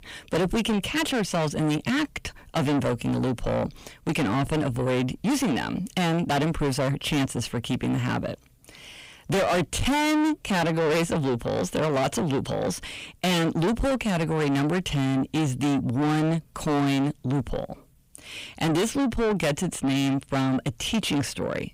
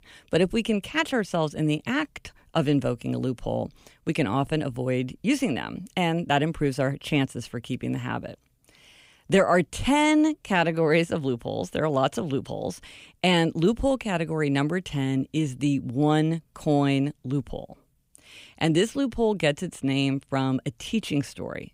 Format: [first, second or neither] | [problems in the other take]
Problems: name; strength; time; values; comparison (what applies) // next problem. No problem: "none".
second | distortion; heavy; 5 dB below the speech